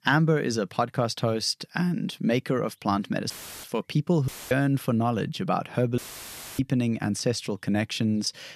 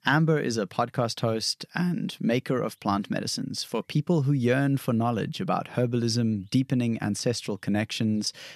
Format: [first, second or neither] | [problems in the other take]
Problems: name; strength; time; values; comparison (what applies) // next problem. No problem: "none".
second | audio cutting out; filled with static; at 3.5 s, at 4.5 s and at 6 s for 0.5 s